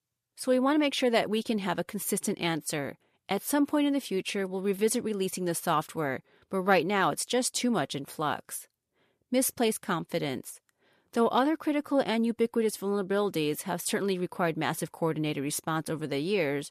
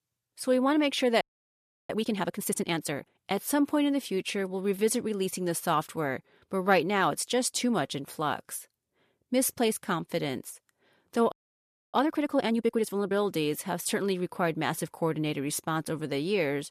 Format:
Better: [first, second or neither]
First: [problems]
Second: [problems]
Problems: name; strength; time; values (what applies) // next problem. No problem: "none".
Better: first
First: none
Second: audio freezing; at 1 s for 0.5 s and at 11 s for 0.5 s